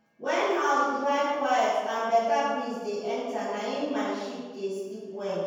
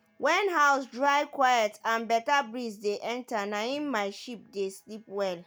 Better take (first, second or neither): second